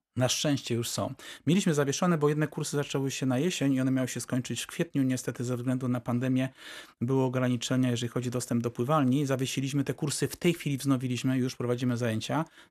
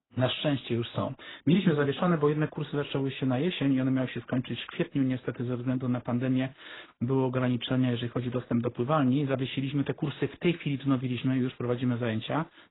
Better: first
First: none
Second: garbled, watery; badly; nothing above 4 kHz

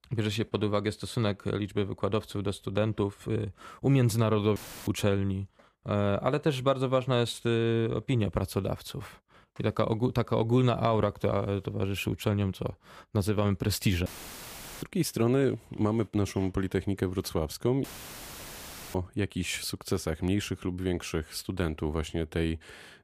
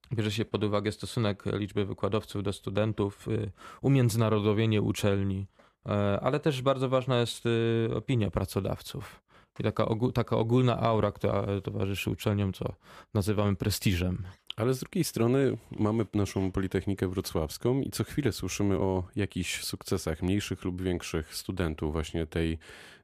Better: second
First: audio cutting out; filled with static; at 4.5 s, at 14 s for 1 s and at 18 s for 1 s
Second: none

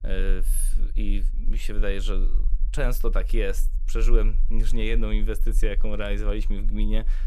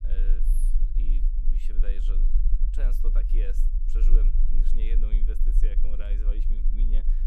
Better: first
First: low rumble; faint; throughout; 20 dB below the speech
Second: low rumble; loud; throughout; 5 dB below the speech

